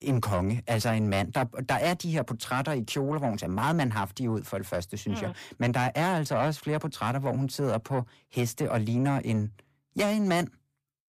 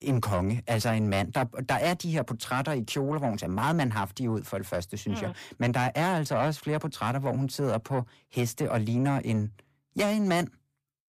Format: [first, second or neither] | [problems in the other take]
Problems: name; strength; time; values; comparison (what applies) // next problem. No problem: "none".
neither | distortion; slight; 10 dB below the speech; the same in both